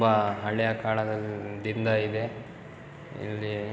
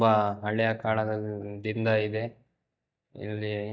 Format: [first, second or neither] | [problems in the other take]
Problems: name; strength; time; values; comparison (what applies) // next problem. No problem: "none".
first | noise reduction (neural mask model DeepFilterNet 3)